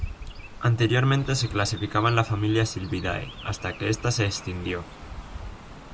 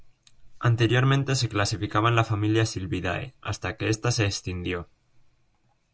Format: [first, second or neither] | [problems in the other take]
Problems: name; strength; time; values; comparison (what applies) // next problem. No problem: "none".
second | background sound (Chirp, tweet); 13 dB below the speech